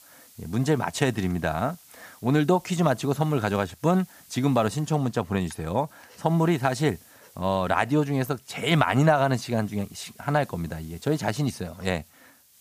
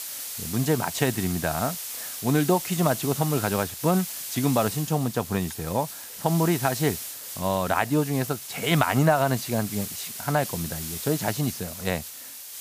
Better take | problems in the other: first | hiss; loud; throughout; 7 dB below the speech; faint in the first

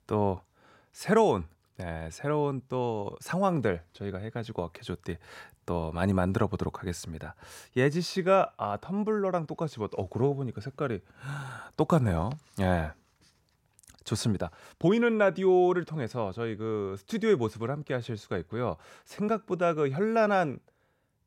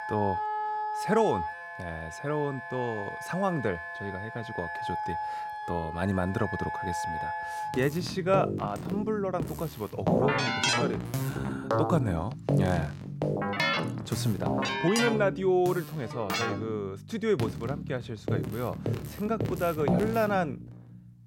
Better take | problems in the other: first | background music; loud; throughout; 1 dB below the speech

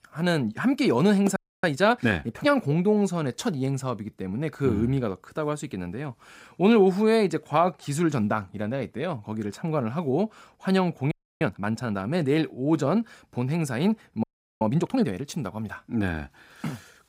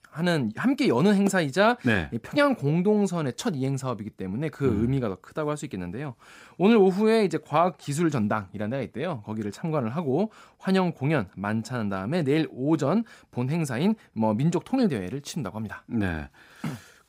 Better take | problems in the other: second | audio freezing; at 1.5 s, at 11 s and at 14 s

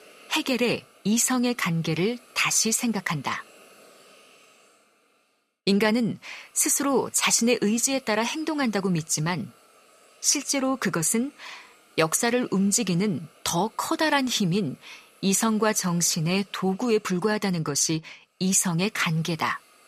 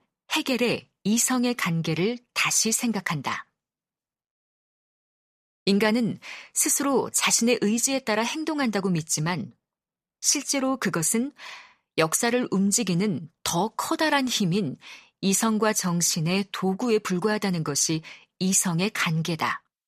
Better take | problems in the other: second | hiss; faint; throughout; 30 dB below the speech

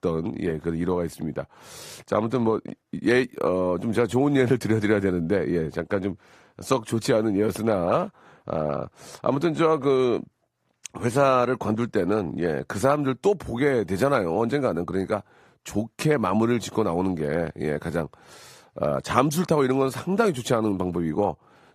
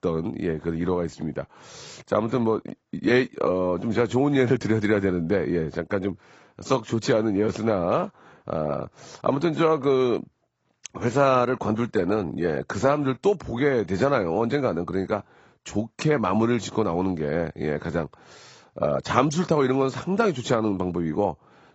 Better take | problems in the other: first | garbled, watery; badly; nothing above 7.5 kHz; slightly in the first

